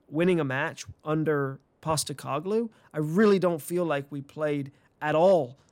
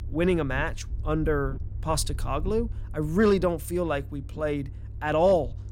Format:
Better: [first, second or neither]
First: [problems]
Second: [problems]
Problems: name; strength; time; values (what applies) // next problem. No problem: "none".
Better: first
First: none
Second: low rumble; faint; throughout; 25 dB below the speech